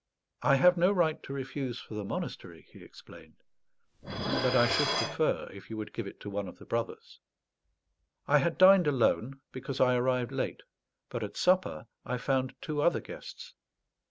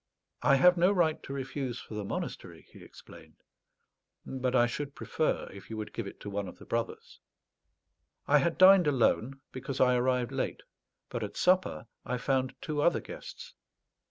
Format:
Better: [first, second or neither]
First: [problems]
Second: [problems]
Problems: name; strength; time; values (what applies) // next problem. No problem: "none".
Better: second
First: background sound (Dishes, pots, and pans); 6 dB below the speech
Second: none